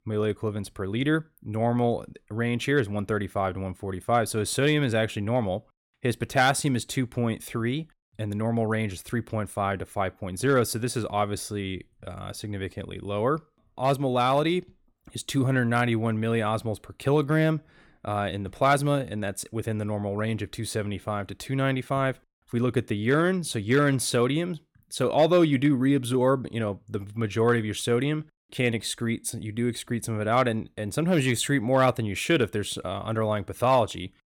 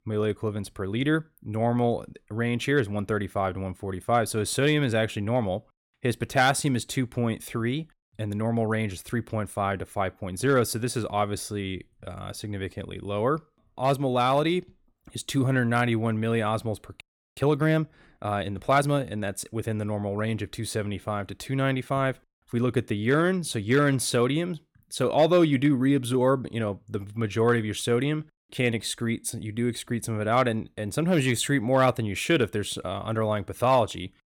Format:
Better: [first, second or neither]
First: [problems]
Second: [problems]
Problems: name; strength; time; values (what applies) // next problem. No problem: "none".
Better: first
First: none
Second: audio freezing; at 17 s